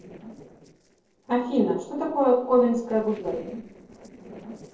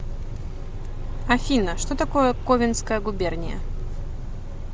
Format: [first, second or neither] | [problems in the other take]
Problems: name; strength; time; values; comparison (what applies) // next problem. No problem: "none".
second | noise reduction (neural separator model SepFormer DNS4)